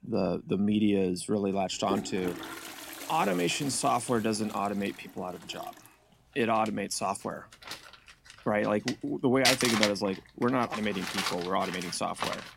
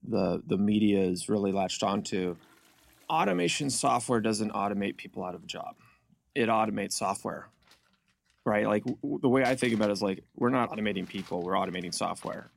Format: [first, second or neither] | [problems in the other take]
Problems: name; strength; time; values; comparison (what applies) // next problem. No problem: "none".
second | household noises; loud; throughout; 4 dB below the speech; faint in the second